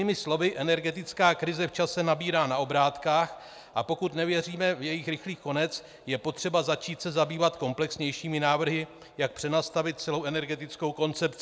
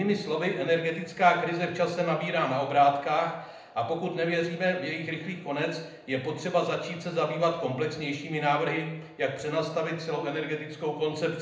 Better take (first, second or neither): first